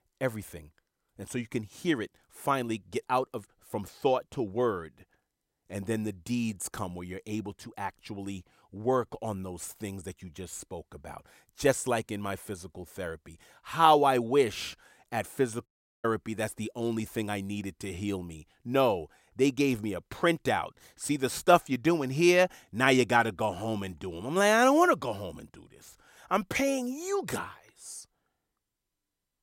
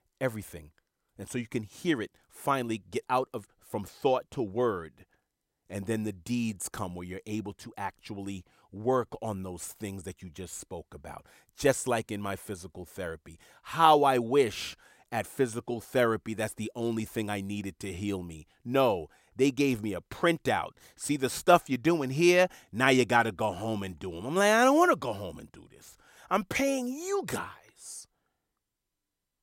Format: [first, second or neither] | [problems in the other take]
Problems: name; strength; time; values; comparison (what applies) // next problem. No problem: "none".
second | audio cutting out; at 16 s